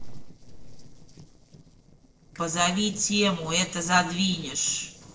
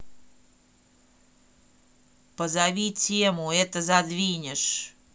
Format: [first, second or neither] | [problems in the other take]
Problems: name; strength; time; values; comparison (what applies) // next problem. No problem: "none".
second | noise reduction (neural separator model SepFormer DNS4)